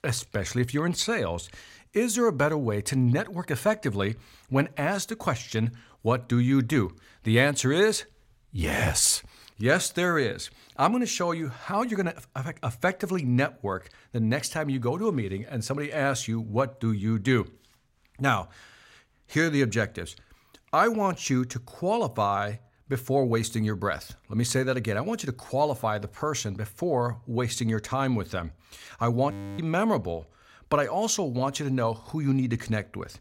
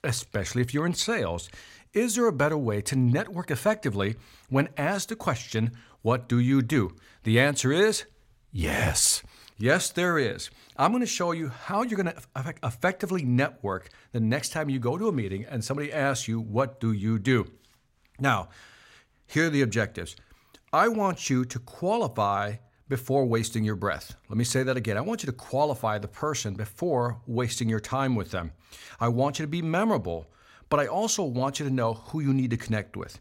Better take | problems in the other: second | audio freezing; at 29 s

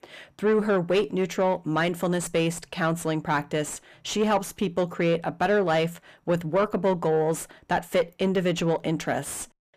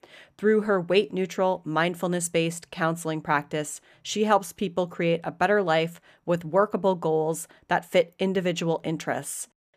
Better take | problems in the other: second | distortion; slight; 10 dB below the speech

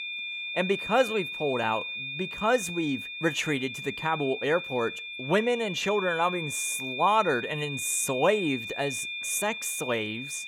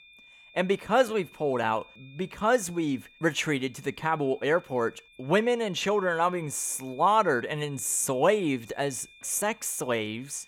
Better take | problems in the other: second | high-pitched whine; loud; throughout; 2.5 kHz, 6 dB below the speech; faint in the second

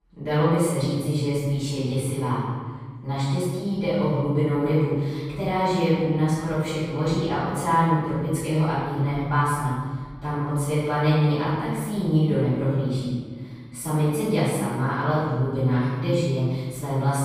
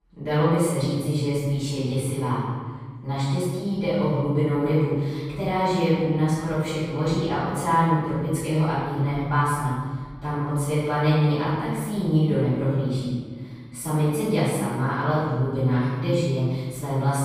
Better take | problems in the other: neither | off-mic speech; far; the same in both // room echo; strong; dies away in 1.5 s; the same in both

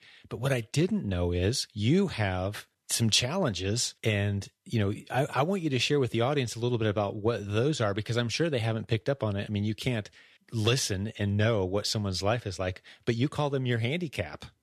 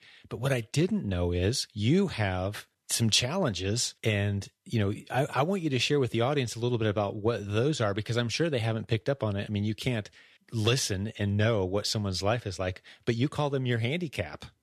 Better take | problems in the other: neither | none

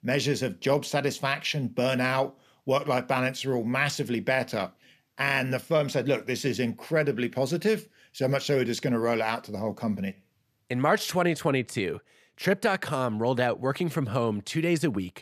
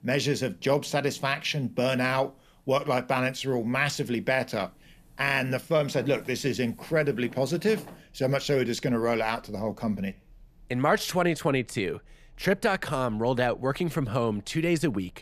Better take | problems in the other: first | wind in the background; faint; throughout; 25 dB below the speech

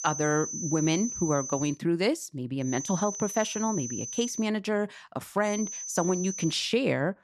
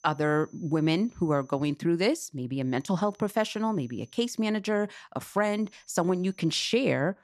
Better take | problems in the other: second | high-pitched whine; loud; until 1.5 s, from 2.5 to 4.5 s and from 5.5 to 6.5 s; 6 kHz, 6 dB below the speech; faint in the second

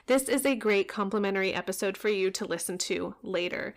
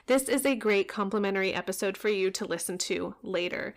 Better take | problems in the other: neither | distortion; slight; 10 dB below the speech; the same in both

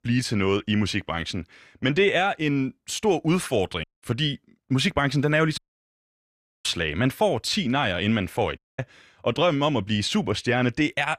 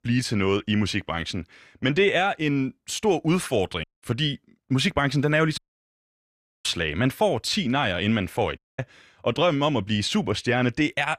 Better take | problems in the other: neither | audio cutting out; at 4 s, at 5.5 s for 1 s and at 8.5 s; the same in both

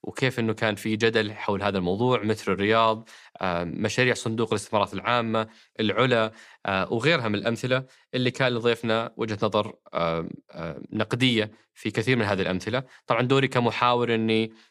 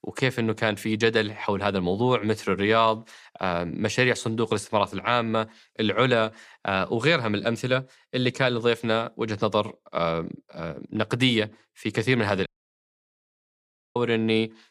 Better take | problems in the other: first | audio cutting out; at 12 s for 1.5 s

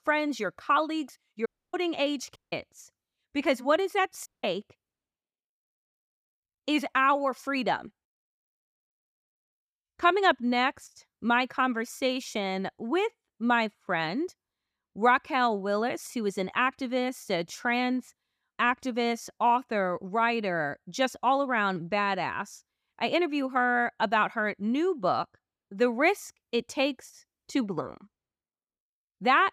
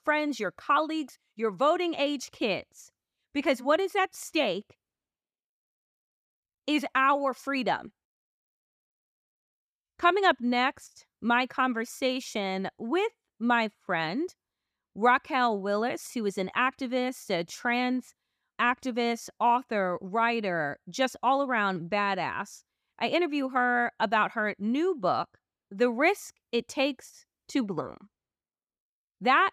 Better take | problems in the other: second | audio cutting out; at 1.5 s, at 2.5 s and at 4.5 s

